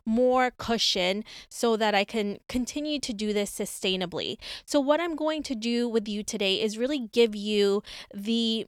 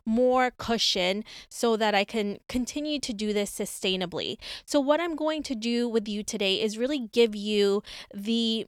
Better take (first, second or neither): neither